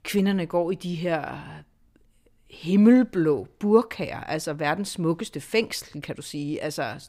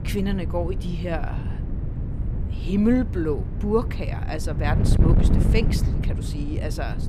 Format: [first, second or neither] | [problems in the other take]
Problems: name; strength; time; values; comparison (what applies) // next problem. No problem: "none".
first | wind noise on the microphone; heavy; 7 dB below the speech